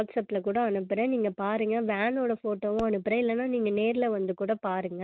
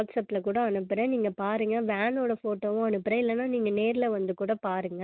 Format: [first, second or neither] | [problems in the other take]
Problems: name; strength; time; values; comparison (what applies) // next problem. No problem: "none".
second | noise reduction (neural mask model RNNoise)